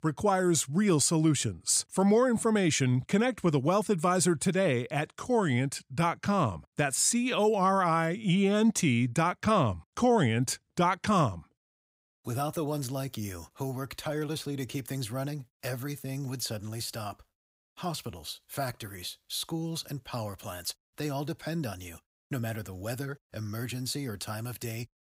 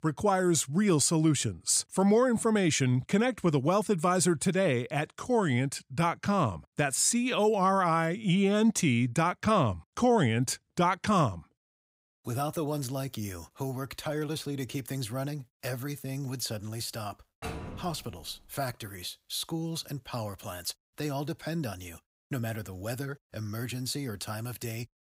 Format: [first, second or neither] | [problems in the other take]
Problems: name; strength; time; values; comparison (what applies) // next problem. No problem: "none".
first | door banging; noticeable; at 17 s; peak 10 dB below the speech